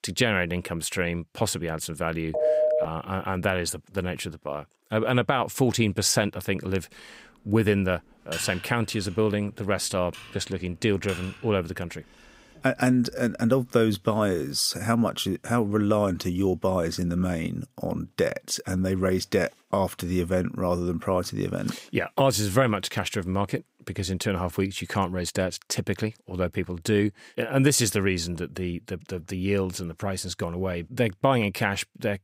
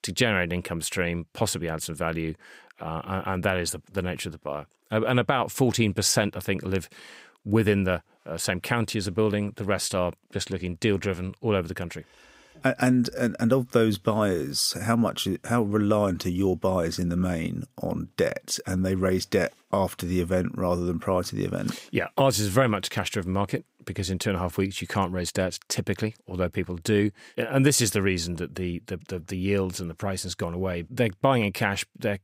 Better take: second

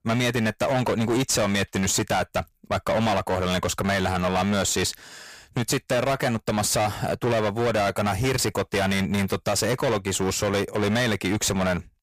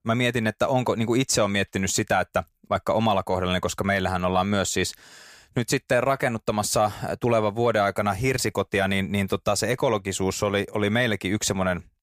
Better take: second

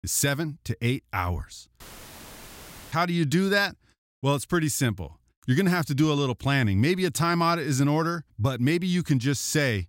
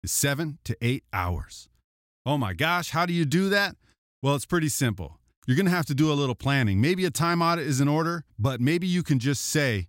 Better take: second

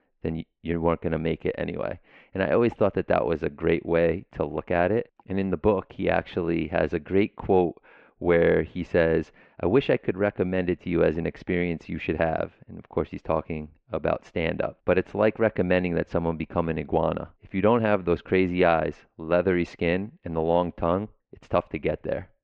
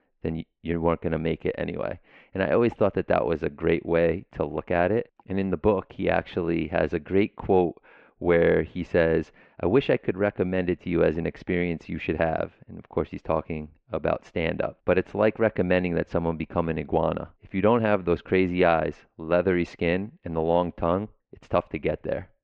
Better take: neither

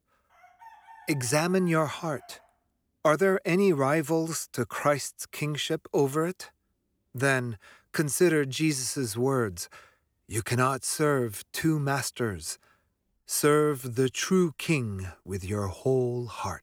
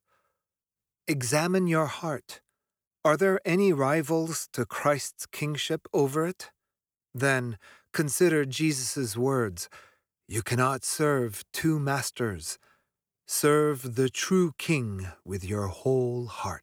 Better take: second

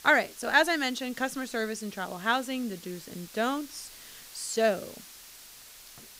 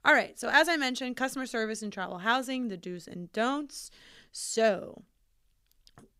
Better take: second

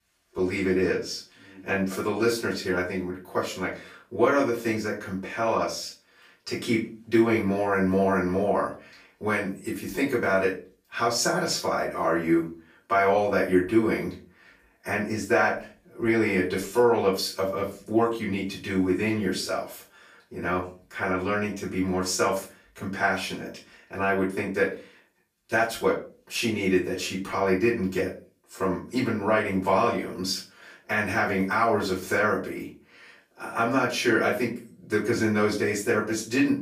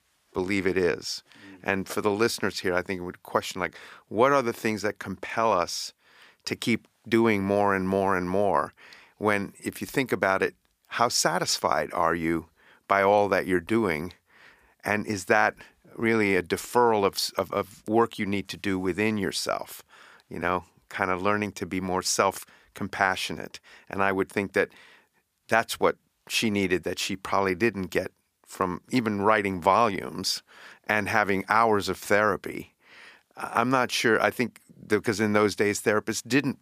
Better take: second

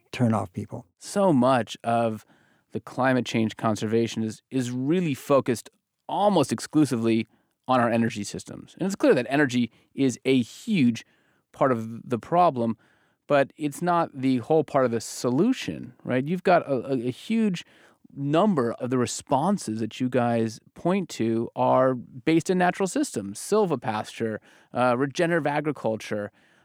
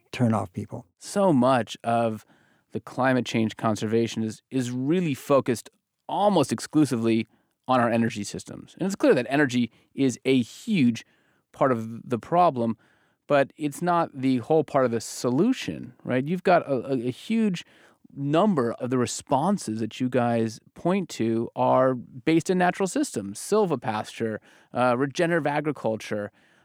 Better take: neither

